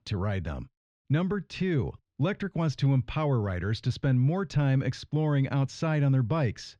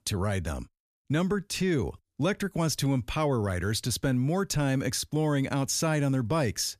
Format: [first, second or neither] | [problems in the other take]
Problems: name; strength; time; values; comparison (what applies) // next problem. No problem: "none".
second | muffled; slightly; fading above 4 kHz